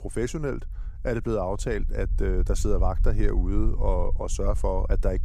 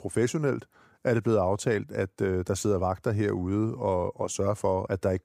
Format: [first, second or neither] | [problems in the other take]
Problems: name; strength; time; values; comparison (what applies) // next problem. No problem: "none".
second | low rumble; faint; throughout; 20 dB below the speech